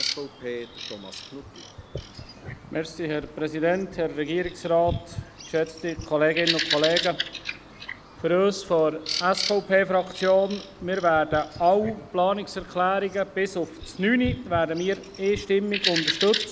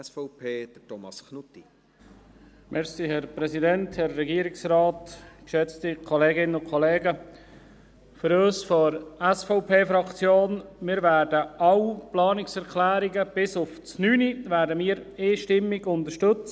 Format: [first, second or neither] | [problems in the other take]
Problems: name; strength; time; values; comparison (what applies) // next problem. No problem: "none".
second | background sound (Bird vocalization, bird call, bird song); 9 dB below the speech